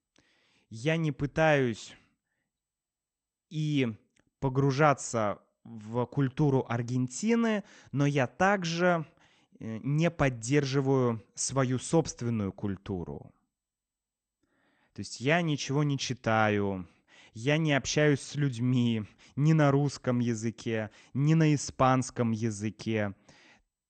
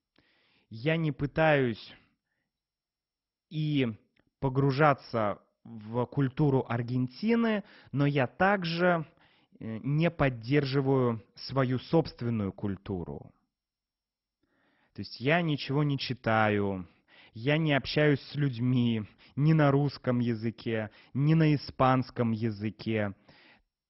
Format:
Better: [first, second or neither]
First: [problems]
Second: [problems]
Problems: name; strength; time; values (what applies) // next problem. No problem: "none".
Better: first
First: garbled, watery; slightly; nothing above 8.5 kHz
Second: garbled, watery; badly; nothing above 5.5 kHz